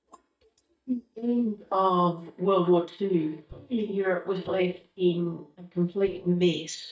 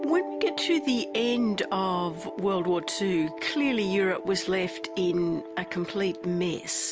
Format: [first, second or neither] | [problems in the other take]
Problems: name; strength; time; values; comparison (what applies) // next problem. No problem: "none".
second | noise reduction (neural mask model DeepFilterNet 3)